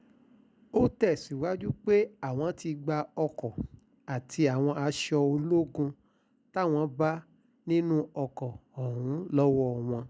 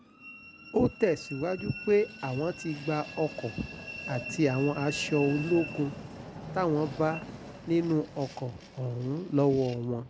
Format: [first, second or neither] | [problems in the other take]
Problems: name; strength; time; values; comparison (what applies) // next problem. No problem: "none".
first | background sound (Train); 12 dB below the speech